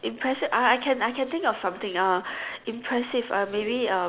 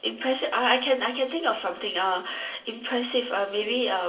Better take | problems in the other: first | room echo; dies away in 0.2 s

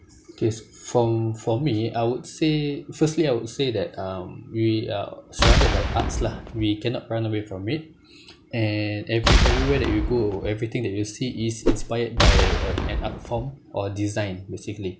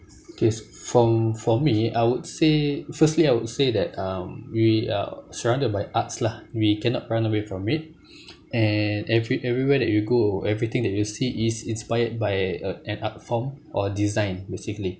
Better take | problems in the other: second | background sound (Boom + Whoosh, swoosh, swish); 4 dB above the speech

